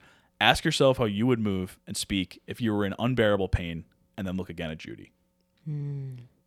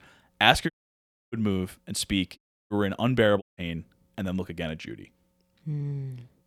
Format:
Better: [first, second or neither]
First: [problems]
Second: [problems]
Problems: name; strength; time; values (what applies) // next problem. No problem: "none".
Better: first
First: none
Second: audio cutting out; at 0.5 s for 0.5 s, at 2.5 s and at 3.5 s